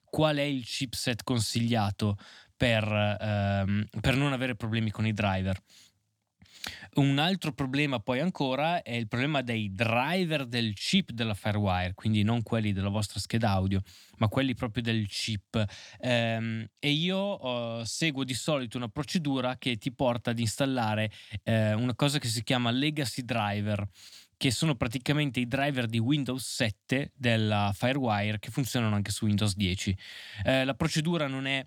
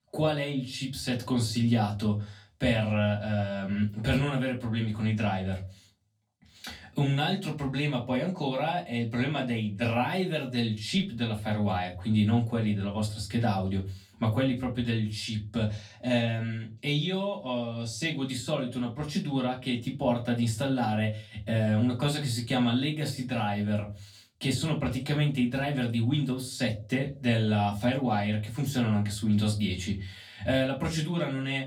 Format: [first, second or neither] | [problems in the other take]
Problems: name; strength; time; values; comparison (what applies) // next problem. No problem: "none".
first | off-mic speech; far // room echo; very slight; dies away in 0.3 s